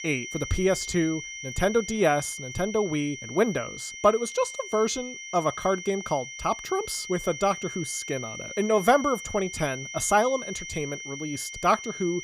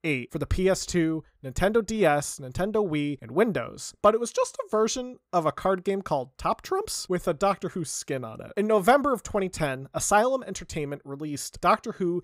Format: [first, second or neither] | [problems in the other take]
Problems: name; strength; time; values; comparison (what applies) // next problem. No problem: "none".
second | high-pitched whine; loud; throughout; 2 kHz, 9 dB below the speech